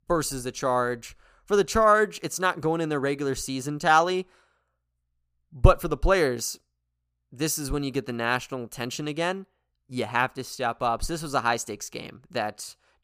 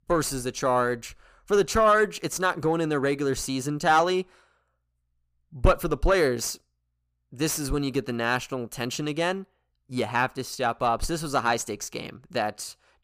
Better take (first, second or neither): first